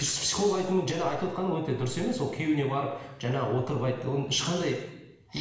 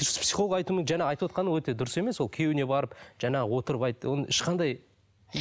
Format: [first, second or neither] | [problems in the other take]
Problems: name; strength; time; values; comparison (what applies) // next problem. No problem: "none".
second | room echo; dies away in 1 s